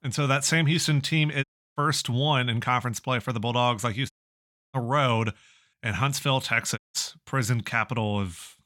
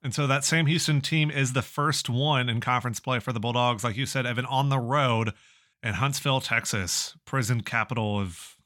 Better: second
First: audio cutting out; at 1.5 s, at 4 s for 0.5 s and at 7 s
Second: none

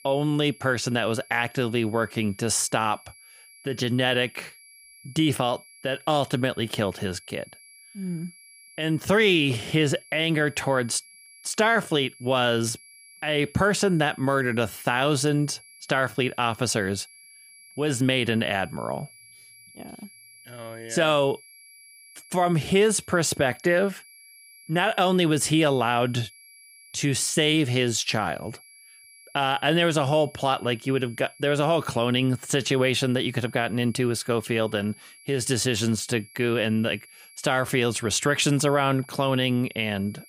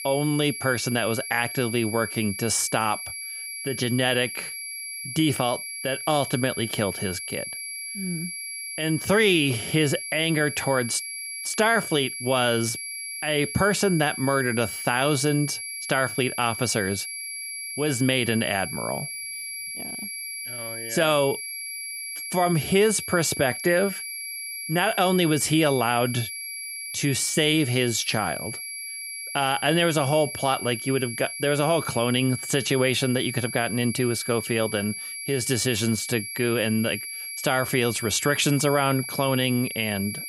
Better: first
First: high-pitched whine; faint; throughout; 2.5 kHz, 25 dB below the speech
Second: high-pitched whine; loud; throughout; 2.5 kHz, 7 dB below the speech

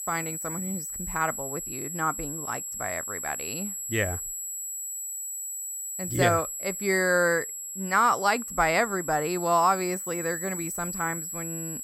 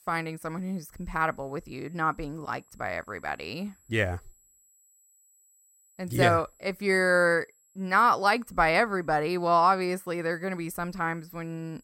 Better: second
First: high-pitched whine; loud; throughout; 8 kHz, 5 dB below the speech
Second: high-pitched whine; faint; throughout; 8 kHz, 35 dB below the speech

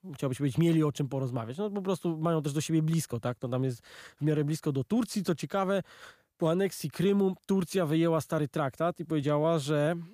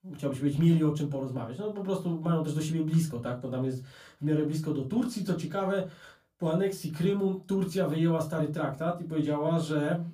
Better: first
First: none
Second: off-mic speech; somewhat distant // room echo; very slight; dies away in 0.2 s

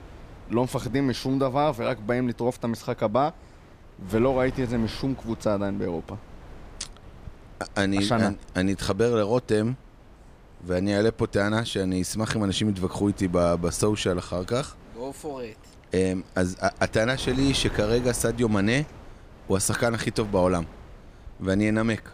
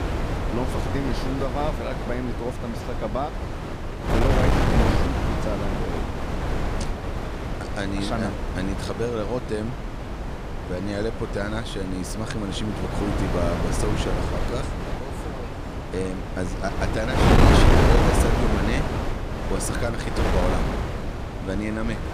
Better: first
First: wind noise on the microphone; occasional gusts; 20 dB below the speech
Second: wind noise on the microphone; heavy; 2 dB above the speech

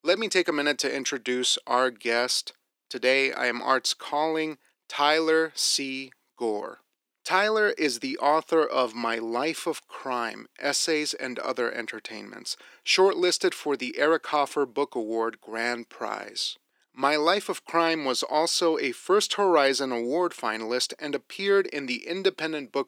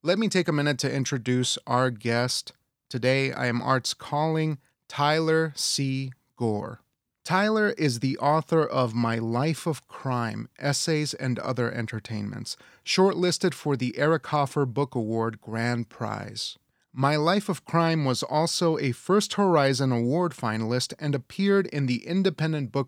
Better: second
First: thin; somewhat; fading below 300 Hz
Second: none

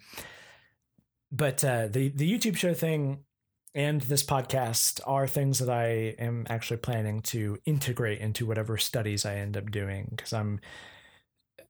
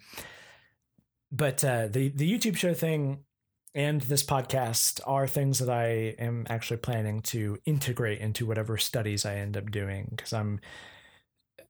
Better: neither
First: none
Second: none

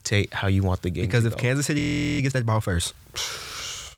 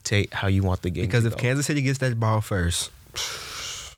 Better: second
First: audio freezing; at 2 s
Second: none

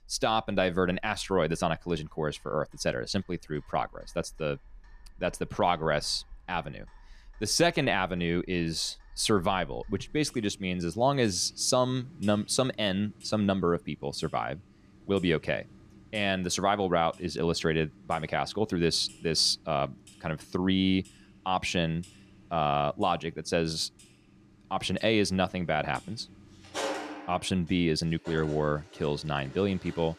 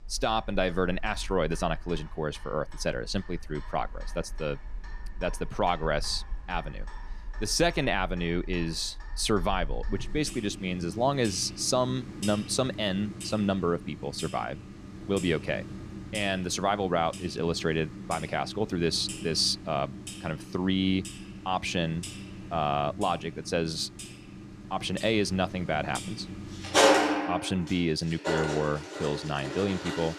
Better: first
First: household noises; faint; throughout; 20 dB below the speech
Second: household noises; loud; throughout; 6 dB below the speech

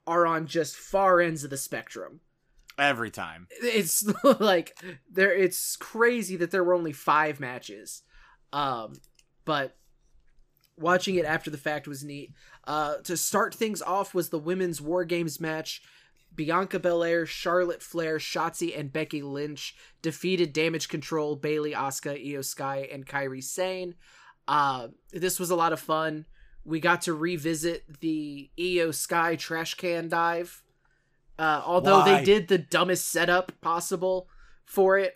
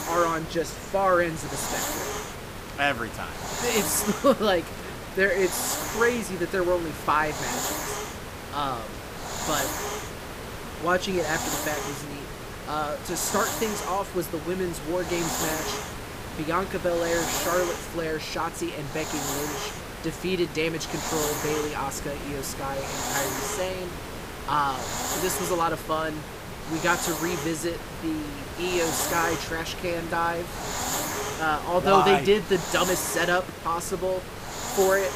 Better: first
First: none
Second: hiss; loud; throughout; 5 dB below the speech

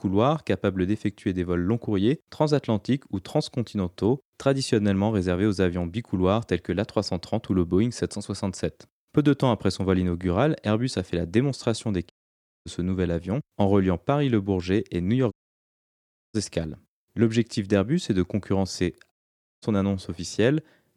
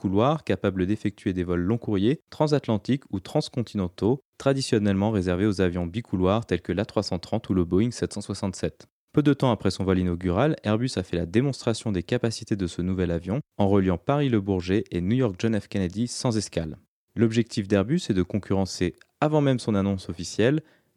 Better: second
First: audio cutting out; at 12 s for 0.5 s, at 15 s for 1 s and at 19 s for 0.5 s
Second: none

